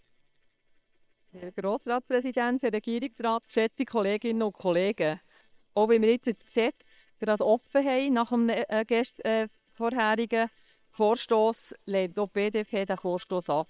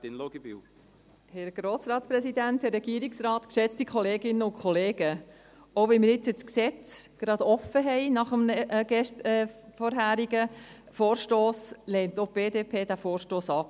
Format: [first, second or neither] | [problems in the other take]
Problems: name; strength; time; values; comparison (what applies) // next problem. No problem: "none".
second | noise reduction (neural separator model SepFormer WHAM!)